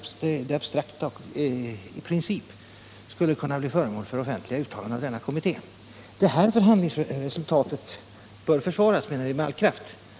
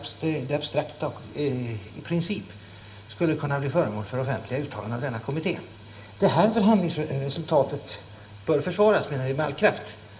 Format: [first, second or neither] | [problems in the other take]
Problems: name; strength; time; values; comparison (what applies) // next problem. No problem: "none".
first | room echo; dies away in 0.7 s